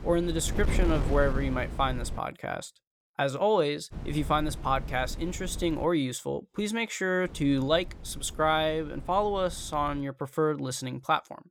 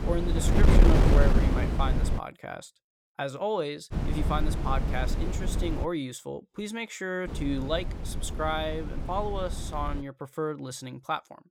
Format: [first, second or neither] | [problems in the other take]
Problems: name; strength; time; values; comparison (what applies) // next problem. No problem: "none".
first | wind noise on the microphone; heavy; until 2 s, from 4 to 6 s and from 7.5 to 10 s; 3 dB below the speech; occasional gusts in the first